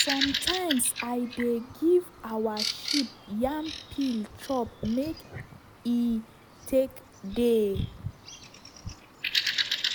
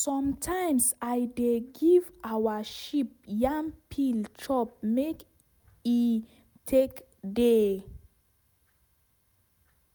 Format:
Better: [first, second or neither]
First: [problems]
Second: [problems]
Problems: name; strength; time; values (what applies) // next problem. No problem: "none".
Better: second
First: background sound (Bird vocalization, bird call, bird song); 5 dB below the speech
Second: none